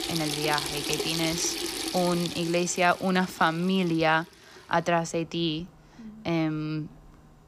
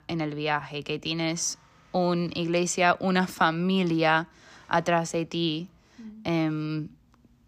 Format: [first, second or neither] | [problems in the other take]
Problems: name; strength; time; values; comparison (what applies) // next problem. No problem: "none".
second | household noises; loud; throughout; 5 dB below the speech